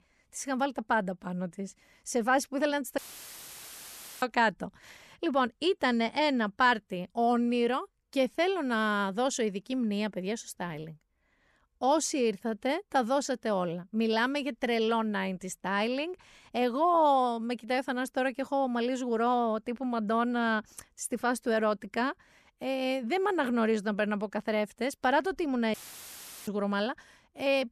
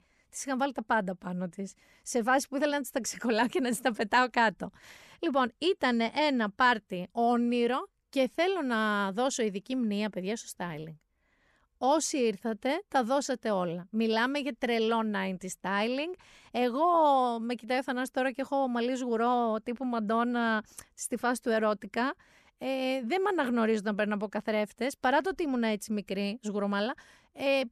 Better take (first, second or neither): second